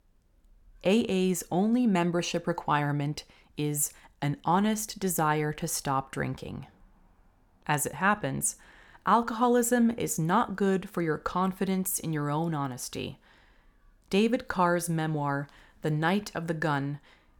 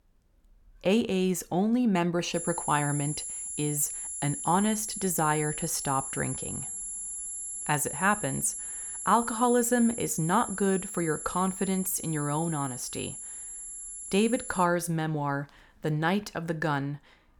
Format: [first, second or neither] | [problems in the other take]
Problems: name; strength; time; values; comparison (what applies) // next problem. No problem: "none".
first | high-pitched whine; loud; from 2.5 to 15 s; 11 kHz, 6 dB below the speech